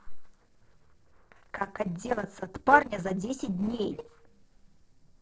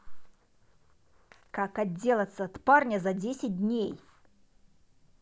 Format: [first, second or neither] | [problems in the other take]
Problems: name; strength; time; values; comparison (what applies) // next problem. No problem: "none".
second | noise reduction (neural separator model SepFormer DNS4)